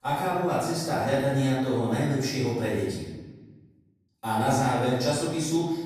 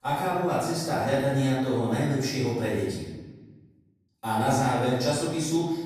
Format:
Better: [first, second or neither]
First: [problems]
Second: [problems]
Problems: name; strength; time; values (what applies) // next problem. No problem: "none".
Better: neither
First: room echo; strong; dies away in 1 s // off-mic speech; far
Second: room echo; strong; dies away in 1 s // off-mic speech; far